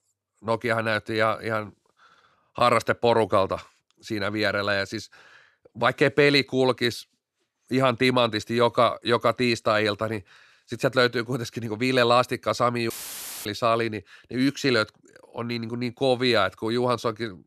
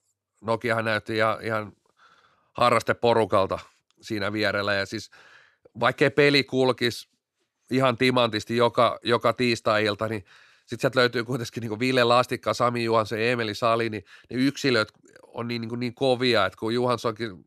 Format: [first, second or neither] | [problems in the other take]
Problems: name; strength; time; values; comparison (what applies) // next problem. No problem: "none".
second | audio cutting out; filled with static; at 13 s for 0.5 s